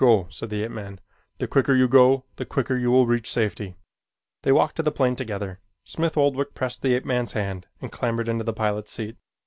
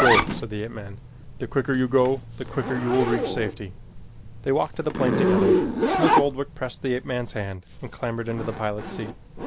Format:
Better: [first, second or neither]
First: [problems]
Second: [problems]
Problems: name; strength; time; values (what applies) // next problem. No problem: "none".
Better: first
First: none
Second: background sound (Zipper (clothing)); as loud as the speech